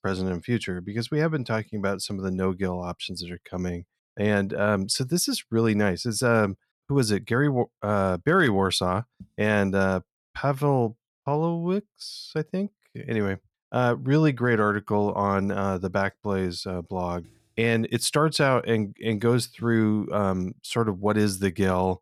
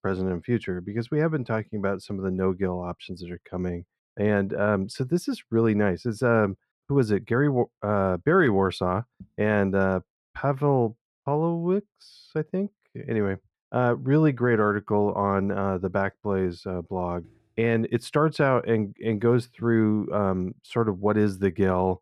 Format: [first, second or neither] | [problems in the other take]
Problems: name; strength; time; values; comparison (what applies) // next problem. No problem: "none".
first | muffled; slightly; fading above 3 kHz